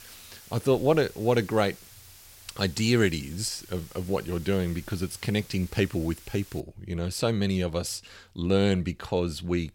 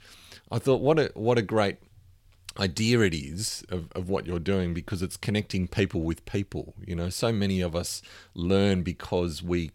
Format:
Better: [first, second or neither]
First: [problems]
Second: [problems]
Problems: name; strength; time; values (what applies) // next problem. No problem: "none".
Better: second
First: hiss; faint; until 6.5 s; 20 dB below the speech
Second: none